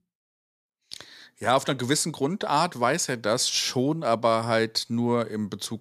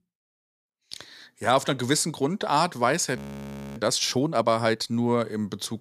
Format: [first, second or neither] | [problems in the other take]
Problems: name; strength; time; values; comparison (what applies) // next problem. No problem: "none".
first | audio freezing; at 3 s for 0.5 s